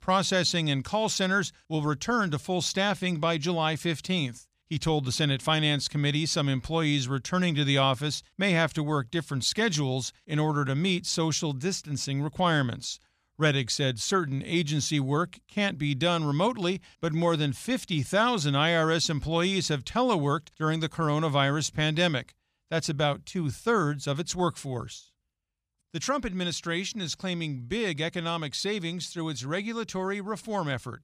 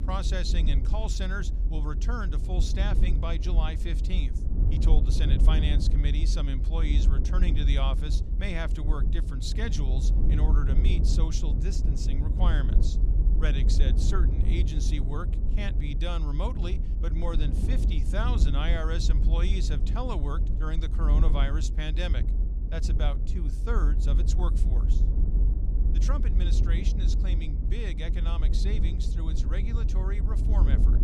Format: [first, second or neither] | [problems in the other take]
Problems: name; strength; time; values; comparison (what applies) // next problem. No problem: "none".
first | low rumble; loud; throughout; 6 dB below the speech